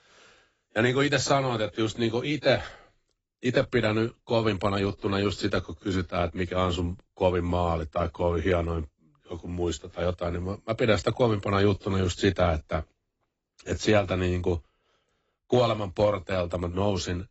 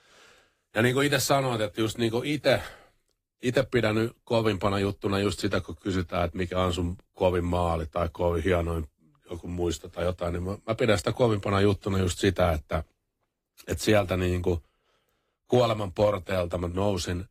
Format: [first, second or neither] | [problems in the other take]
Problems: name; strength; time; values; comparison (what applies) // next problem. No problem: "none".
second | garbled, watery; badly; nothing above 7.5 kHz; slightly in the second